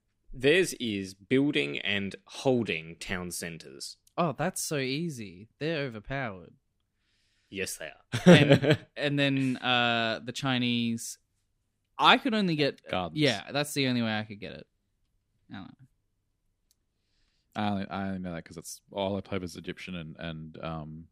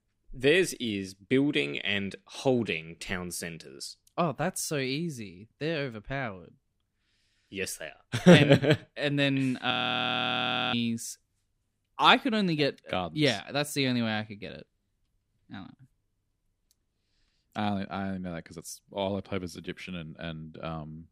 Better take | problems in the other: first | audio freezing; at 9.5 s for 1 s

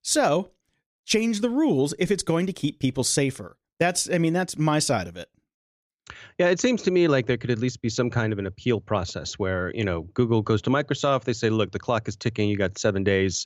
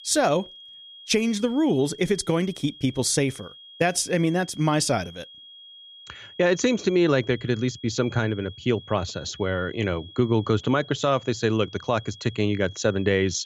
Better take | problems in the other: first | high-pitched whine; noticeable; throughout; 3.5 kHz, 20 dB below the speech

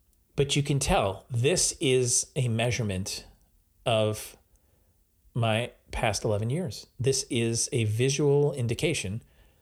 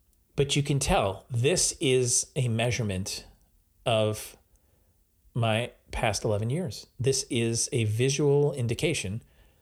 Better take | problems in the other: neither | none

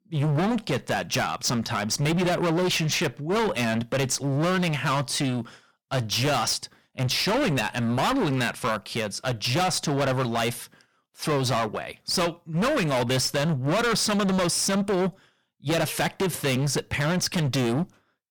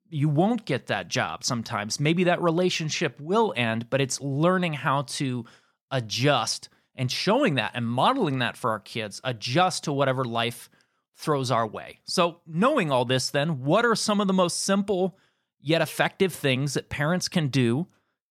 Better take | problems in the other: second | distortion; heavy; 26% of the sound clipped

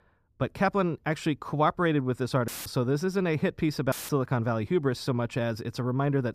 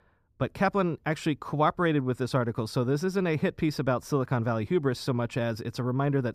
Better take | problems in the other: second | audio cutting out; filled with static; at 2.5 s and at 4 s

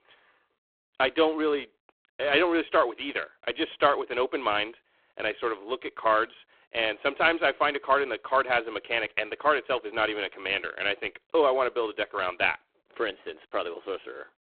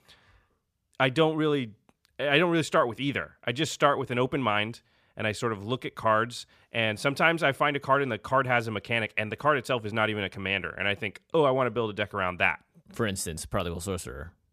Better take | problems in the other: second | phone-call audio; poor line

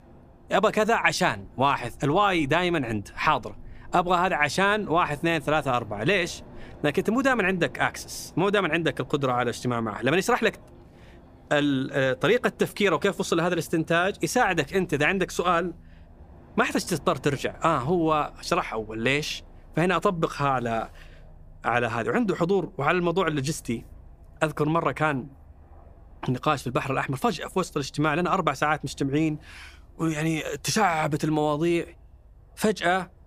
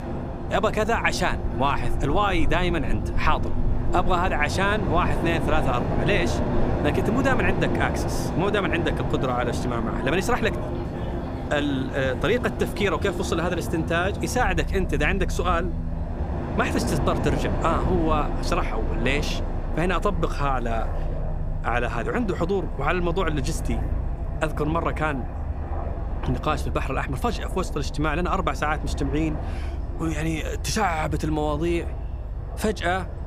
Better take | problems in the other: first | train or aircraft noise; loud; throughout; 3 dB below the speech; faint in the first

